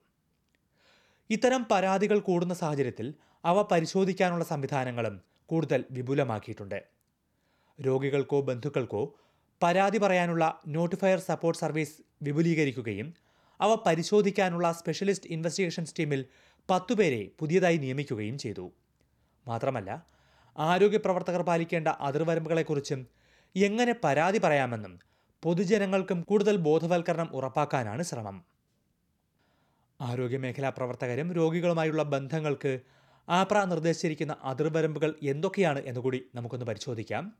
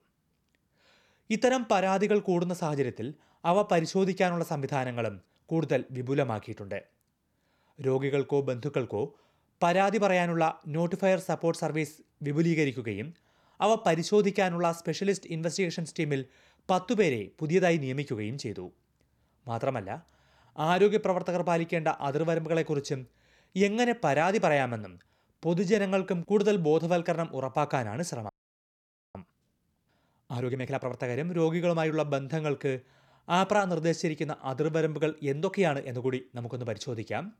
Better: first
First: none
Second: audio freezing; at 28 s for 1 s

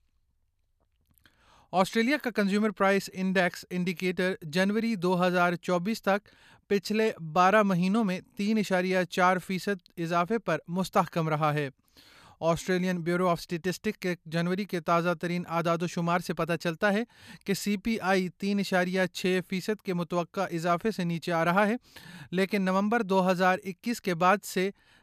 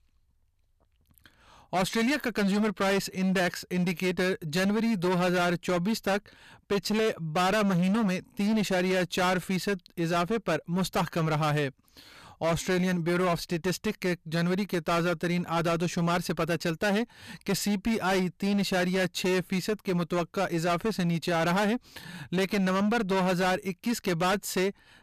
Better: first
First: none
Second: distortion; heavy; 19% of the sound clipped

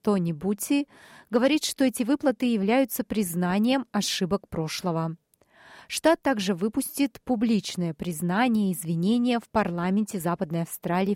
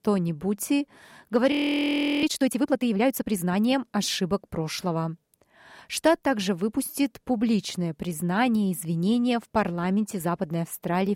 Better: first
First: none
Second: audio freezing; at 1.5 s for 0.5 s

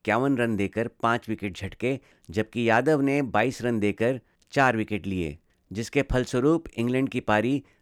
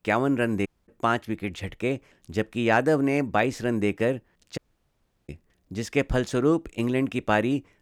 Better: first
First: none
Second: audio cutting out; at 0.5 s and at 4.5 s for 0.5 s

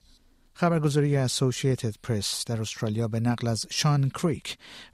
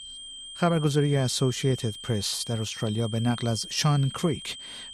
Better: first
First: none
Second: high-pitched whine; noticeable; throughout; 3 kHz, 10 dB below the speech

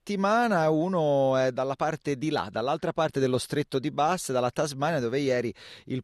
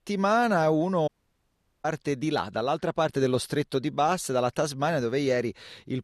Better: first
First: none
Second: audio cutting out; at 1 s for 1 s

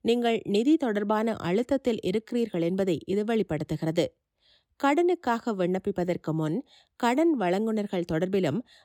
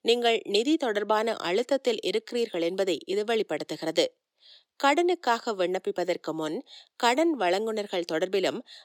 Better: first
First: none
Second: thin; somewhat; fading below 450 Hz

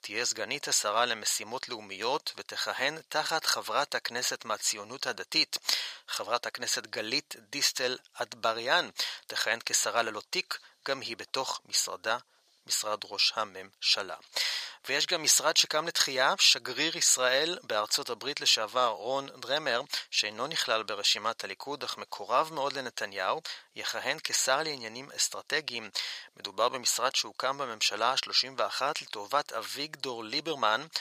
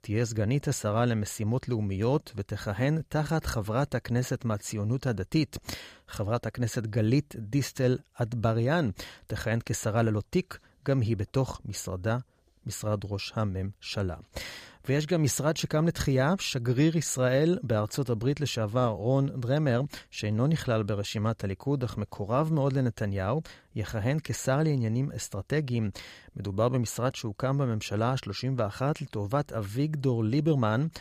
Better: second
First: thin; very; fading below 800 Hz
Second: none

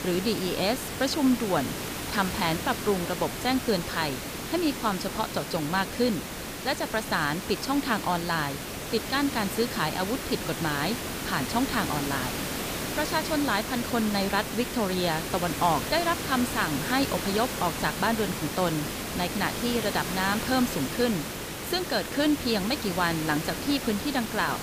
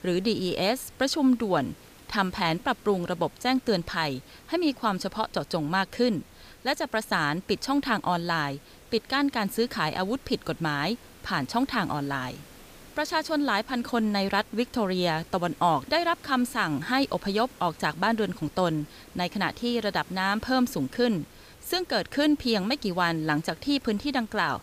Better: second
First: hiss; loud; throughout; 4 dB below the speech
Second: hiss; faint; throughout; 25 dB below the speech

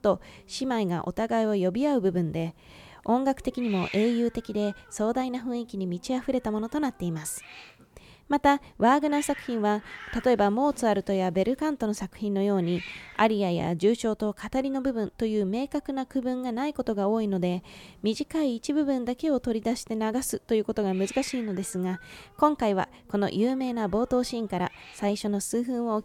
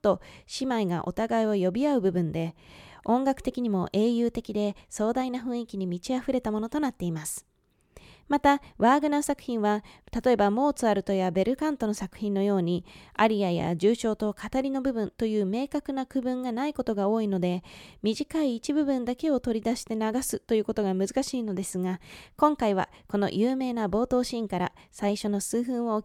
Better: second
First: hiss; noticeable; throughout; 20 dB below the speech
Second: none

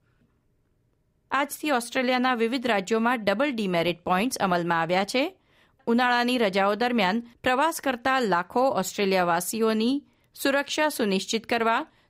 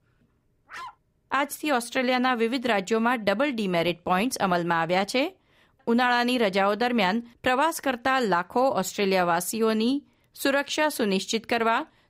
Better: first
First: none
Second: dog barking; faint; at 0.5 s; peak 15 dB below the speech

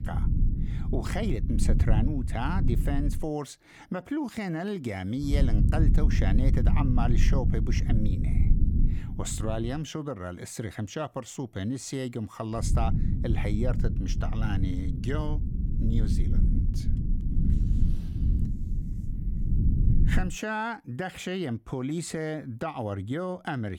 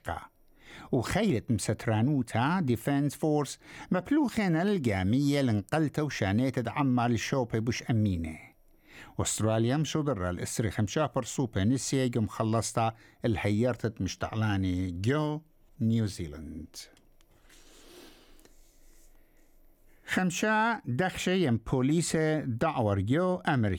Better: second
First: low rumble; loud; until 3 s, from 5.5 to 10 s and from 13 to 20 s; 6 dB below the speech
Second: none

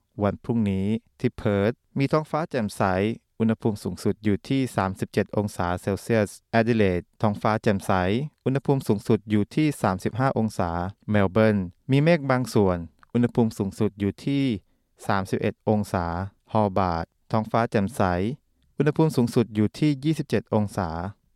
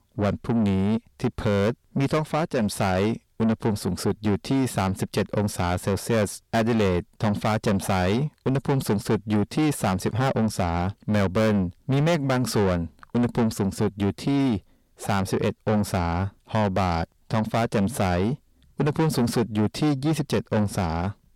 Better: first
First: none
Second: distortion; heavy; 7 dB below the speech

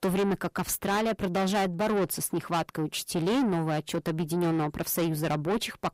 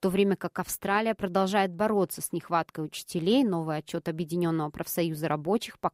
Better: second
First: distortion; heavy; 7 dB below the speech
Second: none

